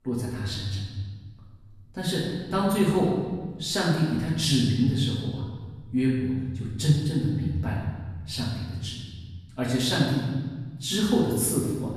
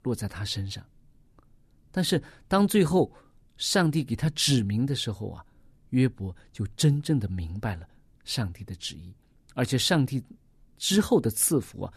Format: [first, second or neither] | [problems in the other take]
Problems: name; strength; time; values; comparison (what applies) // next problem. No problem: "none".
second | off-mic speech; far // room echo; noticeable; dies away in 1.5 s